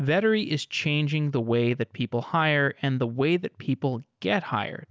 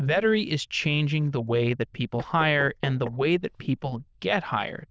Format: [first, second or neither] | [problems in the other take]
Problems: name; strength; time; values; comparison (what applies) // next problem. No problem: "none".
first | noise reduction (neural diffusion model UNIVERSE++)